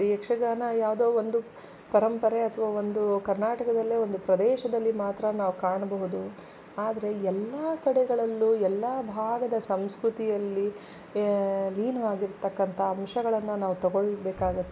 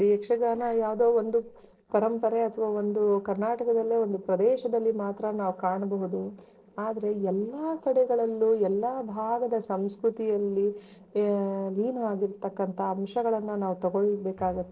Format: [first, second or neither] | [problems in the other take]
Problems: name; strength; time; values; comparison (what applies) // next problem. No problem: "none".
first | noise reduction (neural separator model SepFormer DNS4)